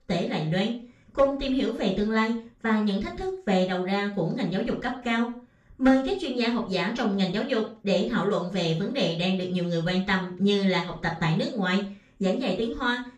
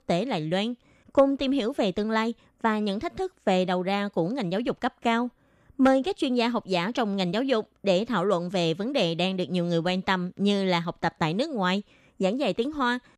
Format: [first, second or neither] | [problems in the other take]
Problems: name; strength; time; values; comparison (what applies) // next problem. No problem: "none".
second | room echo; slight; dies away in 0.3 s // off-mic speech; far